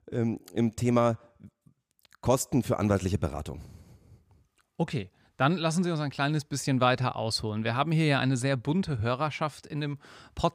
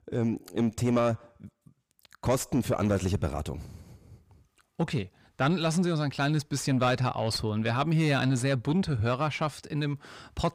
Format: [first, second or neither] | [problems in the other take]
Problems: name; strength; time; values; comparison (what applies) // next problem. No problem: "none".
first | distortion; slight; 10 dB below the speech